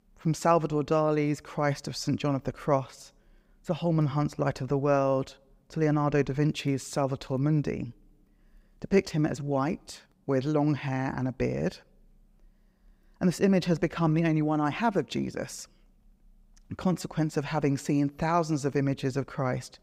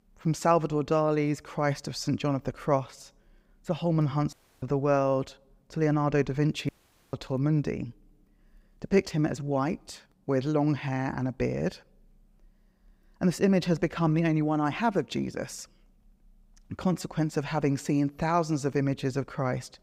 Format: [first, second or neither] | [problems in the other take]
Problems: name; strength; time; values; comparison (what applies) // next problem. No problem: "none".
first | audio cutting out; at 4.5 s and at 6.5 s